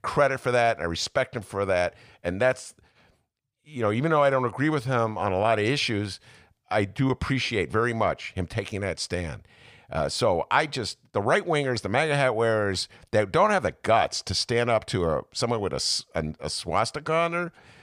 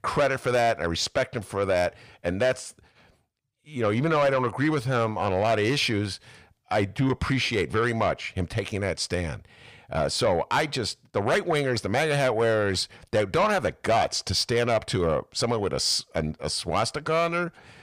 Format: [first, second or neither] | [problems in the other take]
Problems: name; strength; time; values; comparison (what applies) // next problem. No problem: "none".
first | distortion; slight; 10 dB below the speech